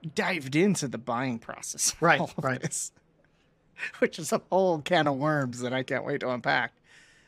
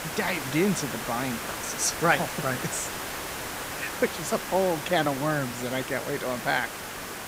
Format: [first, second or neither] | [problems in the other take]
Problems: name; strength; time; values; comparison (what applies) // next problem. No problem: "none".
first | hiss; loud; throughout; 5 dB below the speech